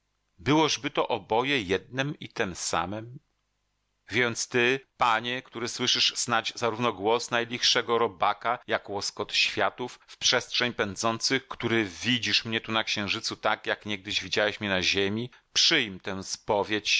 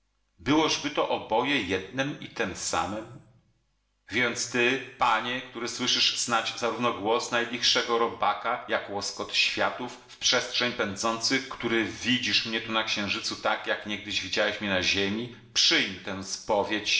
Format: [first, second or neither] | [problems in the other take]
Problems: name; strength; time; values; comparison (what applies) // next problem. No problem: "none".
first | room echo; dies away in 0.7 s